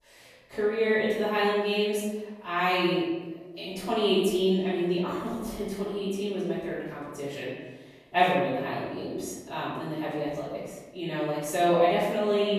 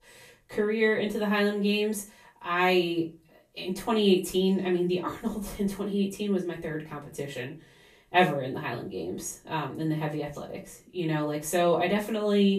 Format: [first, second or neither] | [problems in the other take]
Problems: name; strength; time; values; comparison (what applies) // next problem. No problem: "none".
second | room echo; strong; dies away in 1.1 s; slight in the second // off-mic speech; far; far in the second